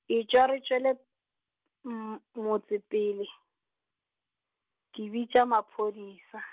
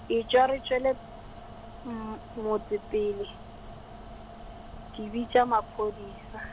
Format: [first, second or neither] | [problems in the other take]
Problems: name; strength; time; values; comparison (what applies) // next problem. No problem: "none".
first | background sound (Mechanical fan); 14 dB below the speech